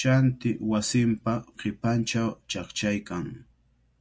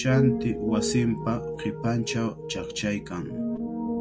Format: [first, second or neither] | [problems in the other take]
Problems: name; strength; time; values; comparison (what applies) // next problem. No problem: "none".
first | background sound (Piano); 3 dB below the speech